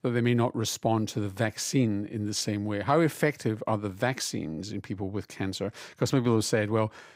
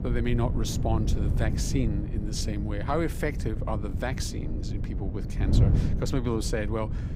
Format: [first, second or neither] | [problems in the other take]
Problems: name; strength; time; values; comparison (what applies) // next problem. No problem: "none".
first | wind noise on the microphone; heavy; 8 dB below the speech